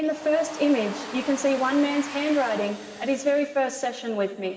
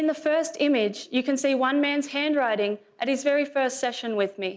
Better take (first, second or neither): second